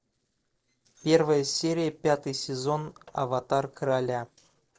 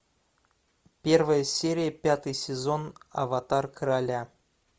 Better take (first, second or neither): second